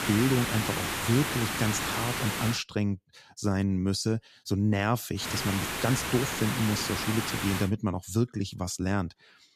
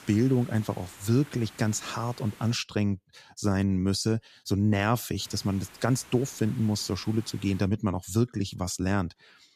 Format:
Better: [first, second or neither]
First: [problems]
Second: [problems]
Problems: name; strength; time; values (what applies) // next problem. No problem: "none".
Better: second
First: hiss; loud; until 2.5 s and from 5 to 7.5 s; 2 dB below the speech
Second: hiss; faint; until 2.5 s and from 5 to 7.5 s; 20 dB below the speech